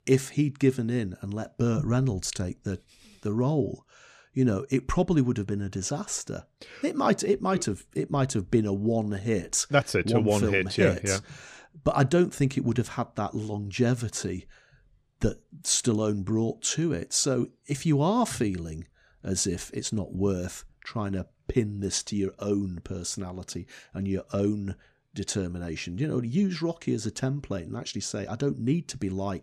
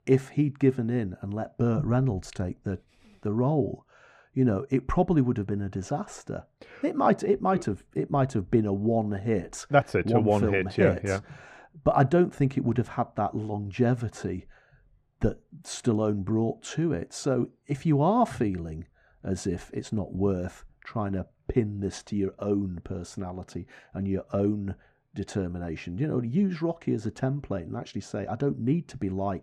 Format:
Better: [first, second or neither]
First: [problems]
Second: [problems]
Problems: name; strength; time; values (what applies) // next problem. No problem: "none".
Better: first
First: none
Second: muffled; very; fading above 3 kHz